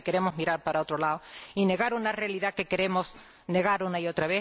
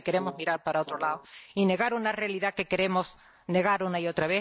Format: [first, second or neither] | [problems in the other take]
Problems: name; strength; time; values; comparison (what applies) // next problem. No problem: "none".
first | noise reduction (neural mask model DeepFilterNet 3)